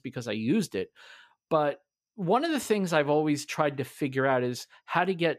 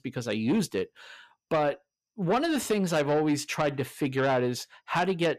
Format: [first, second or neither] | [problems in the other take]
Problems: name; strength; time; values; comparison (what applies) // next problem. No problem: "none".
first | distortion; slight; 10 dB below the speech